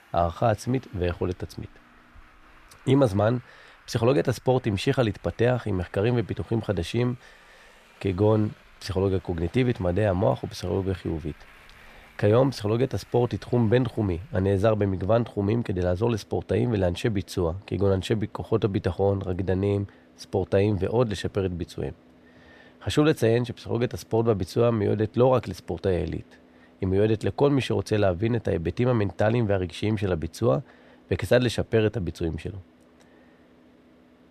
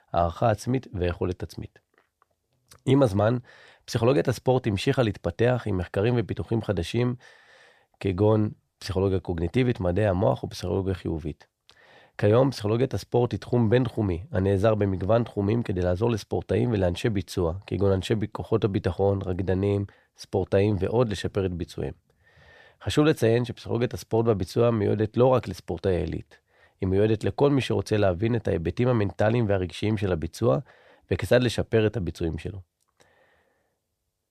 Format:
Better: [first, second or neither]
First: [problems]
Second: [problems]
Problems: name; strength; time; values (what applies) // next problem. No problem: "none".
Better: second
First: traffic noise; faint; throughout; 30 dB below the speech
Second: none